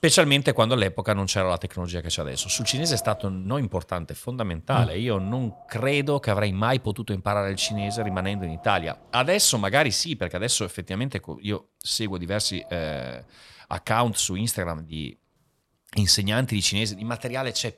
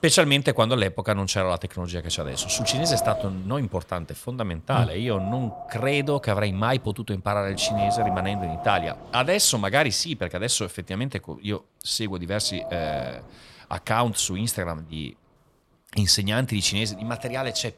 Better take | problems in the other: first | wind noise on the microphone; heavy; 4 dB below the speech; occasional gusts in the first

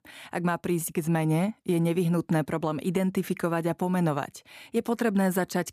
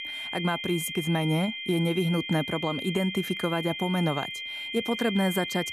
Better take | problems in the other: first | high-pitched whine; loud; throughout; 3 kHz, 5 dB below the speech

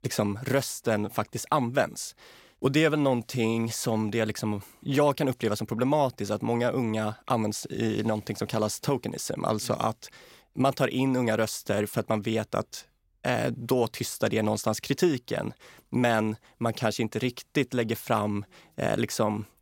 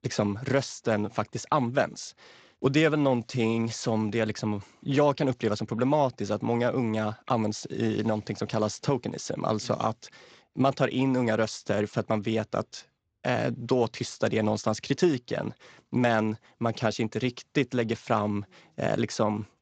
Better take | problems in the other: first | garbled, watery; slightly; nothing above 7.5 kHz

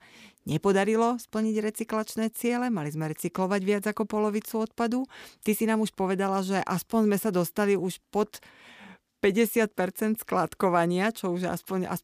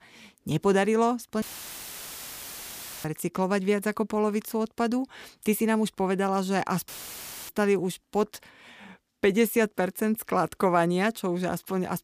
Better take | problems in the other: first | audio cutting out; filled with static; at 1.5 s for 1.5 s and at 7 s for 0.5 s

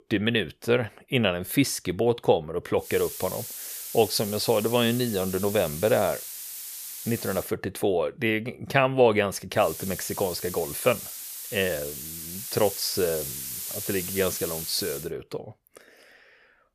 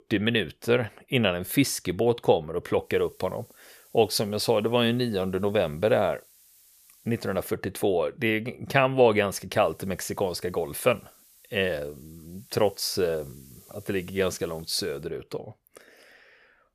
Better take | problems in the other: second | hiss; loud; from 3 to 7.5 s and from 9.5 to 15 s; 8 dB below the speech; faint in the second

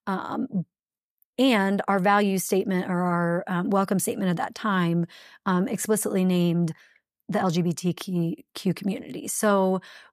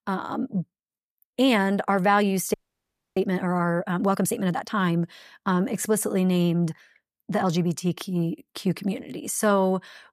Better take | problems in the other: first | audio freezing; at 2.5 s for 0.5 s

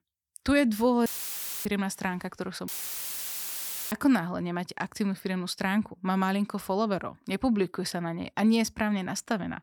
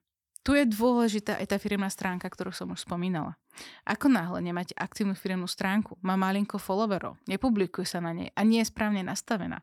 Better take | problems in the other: second | audio cutting out; filled with static; at 1 s for 0.5 s and at 2.5 s for 1 s

